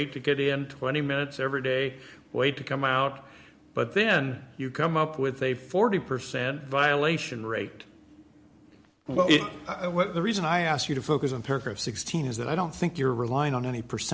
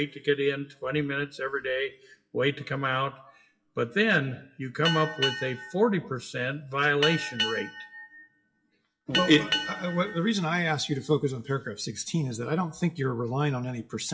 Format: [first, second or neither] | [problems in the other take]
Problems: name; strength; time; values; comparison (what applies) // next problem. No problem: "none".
first | noise reduction (classical method WPE with log-MMSE)